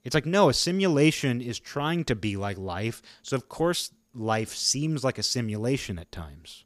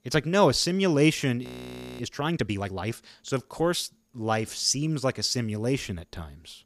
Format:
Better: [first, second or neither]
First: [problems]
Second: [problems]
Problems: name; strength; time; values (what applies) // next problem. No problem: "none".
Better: first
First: none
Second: audio freezing; at 1.5 s for 0.5 s